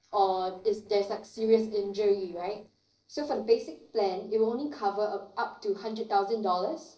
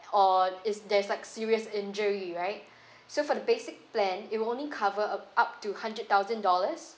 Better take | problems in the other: second | noise reduction (neural separator model SepFormer DNS4)

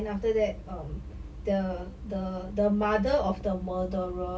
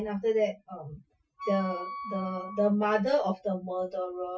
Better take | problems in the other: first | noise reduction (classical method Wiener filter)

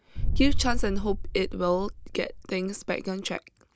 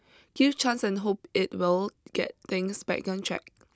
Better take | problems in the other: second | background sound (Boom); 1 dB above the speech

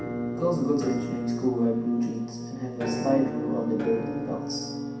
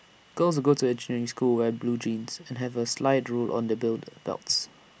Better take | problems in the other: second | background sound (Musical instrument); 3 dB below the speech // room echo; dies away in 0.6 s

